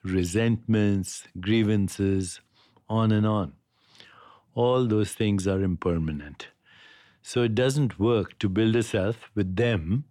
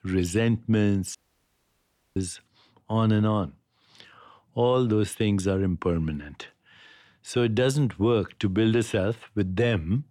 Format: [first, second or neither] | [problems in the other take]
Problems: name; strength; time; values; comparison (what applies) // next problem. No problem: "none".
first | audio cutting out; at 1 s for 1 s